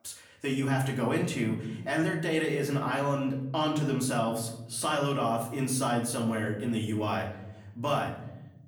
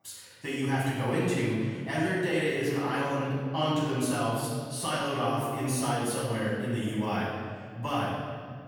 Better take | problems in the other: first | room echo; strong; dies away in 2 s; slight in the first // off-mic speech; far; far in the first

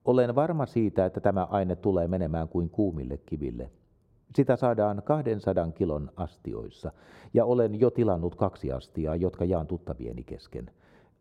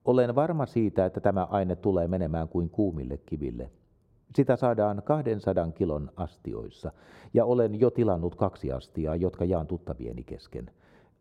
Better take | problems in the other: neither | muffled; slightly; fading above 1 kHz; the same in both

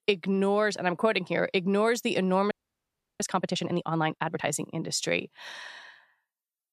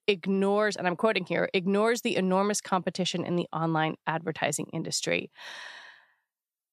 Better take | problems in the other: second | audio freezing; at 2.5 s for 0.5 s

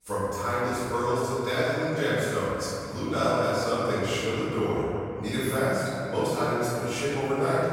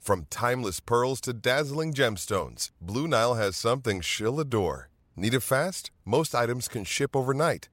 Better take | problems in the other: second | off-mic speech; far // room echo; strong; dies away in 2.7 s

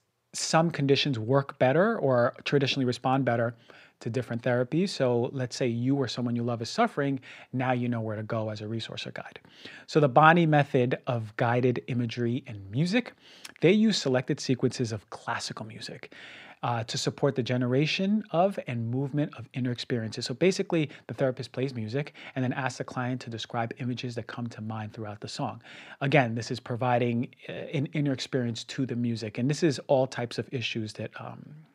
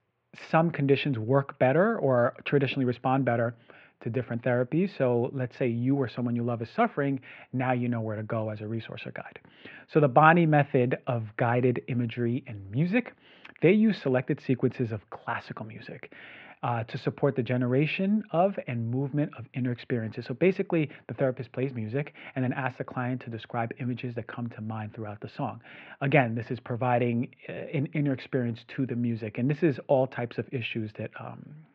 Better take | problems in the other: first | muffled; very; fading above 2.5 kHz

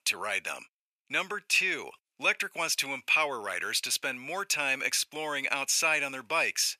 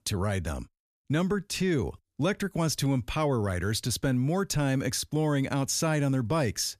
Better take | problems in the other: second | thin; very; fading below 800 Hz

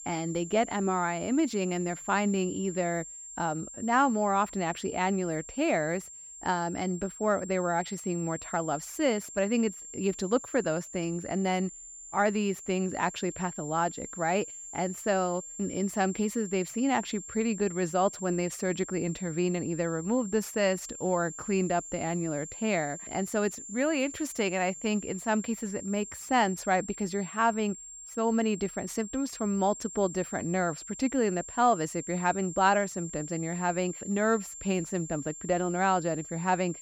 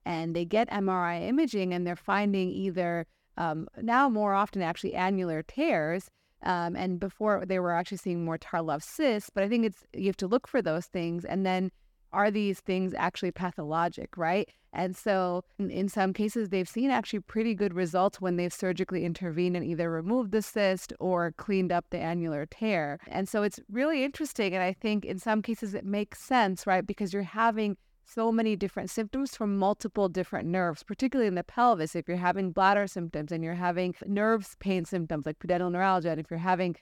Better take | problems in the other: second | high-pitched whine; noticeable; throughout; 7.5 kHz, 10 dB below the speech

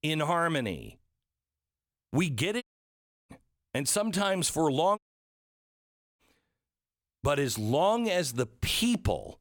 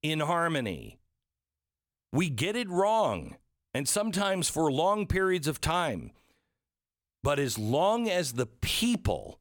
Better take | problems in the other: second | audio cutting out; at 2.5 s for 0.5 s and at 5 s for 1 s

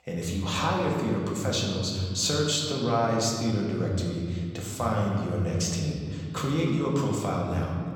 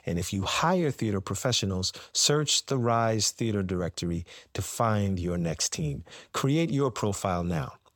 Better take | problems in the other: second | room echo; noticeable; dies away in 2.3 s // off-mic speech; somewhat distant

